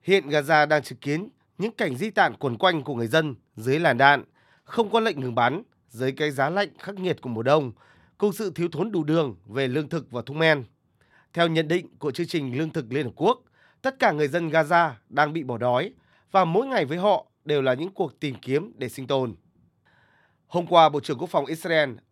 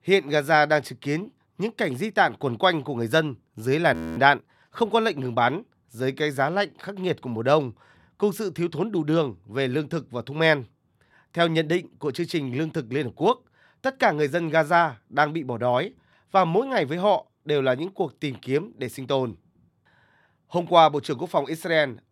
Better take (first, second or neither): first